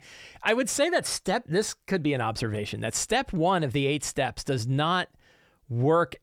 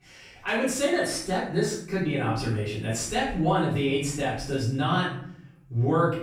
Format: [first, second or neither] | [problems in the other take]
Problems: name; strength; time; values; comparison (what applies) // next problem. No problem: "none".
first | off-mic speech; far // room echo; noticeable; dies away in 0.6 s